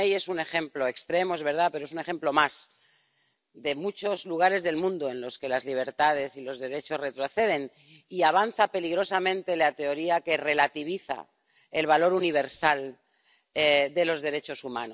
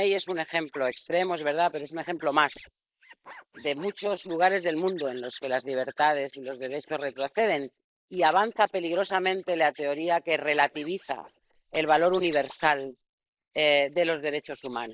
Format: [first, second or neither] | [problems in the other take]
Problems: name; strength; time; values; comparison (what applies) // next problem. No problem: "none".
first | noise reduction (neural mask model Resemble Enhance denoiser)